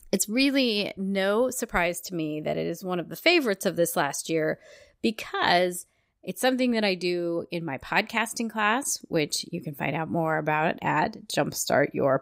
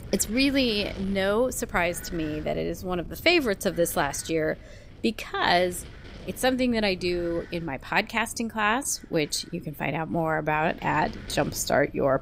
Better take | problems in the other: first | wind noise on the microphone; occasional gusts; 20 dB below the speech

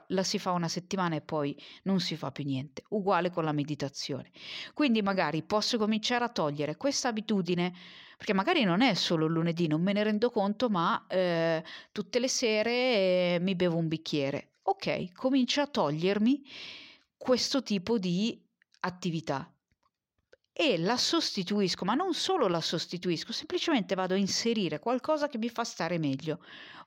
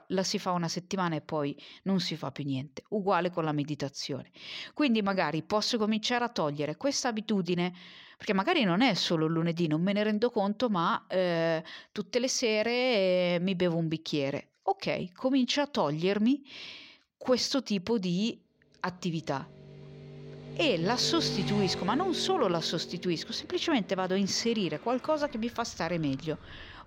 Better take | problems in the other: first | traffic noise; noticeable; from 19 s on; 10 dB below the speech

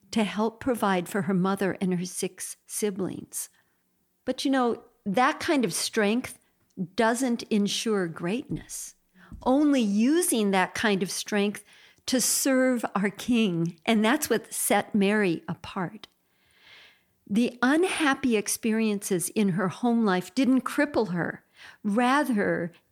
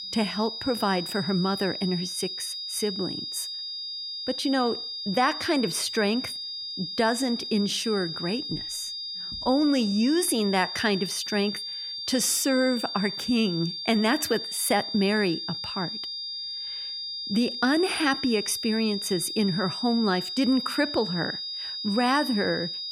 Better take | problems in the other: first | high-pitched whine; loud; throughout; 5 kHz, 5 dB below the speech

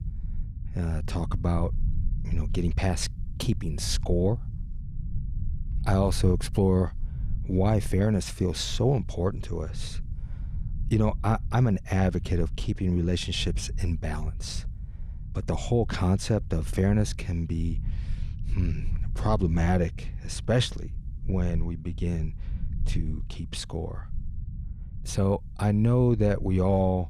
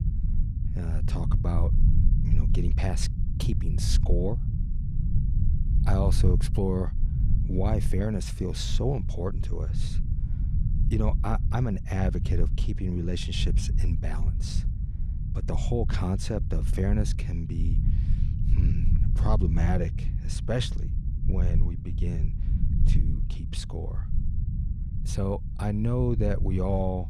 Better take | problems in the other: first | low rumble; loud; throughout; 9 dB below the speech; faint in the first

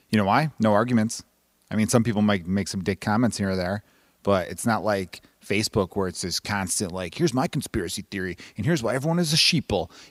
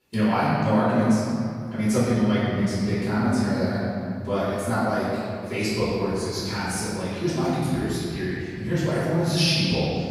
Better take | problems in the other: first | off-mic speech; far // room echo; strong; dies away in 2.9 s

